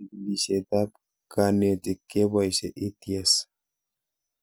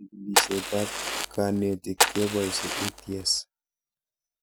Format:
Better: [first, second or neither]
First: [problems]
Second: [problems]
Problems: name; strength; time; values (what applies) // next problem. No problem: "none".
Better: first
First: none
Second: background sound (Fire); 2 dB above the speech